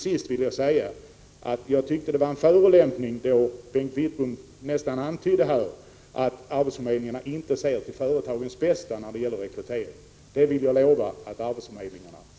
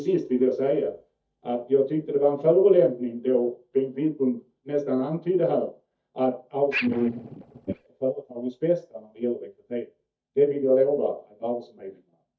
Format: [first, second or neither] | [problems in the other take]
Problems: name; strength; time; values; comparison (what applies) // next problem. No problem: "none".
first | noise reduction (neural mask model DeepFilterNet 3)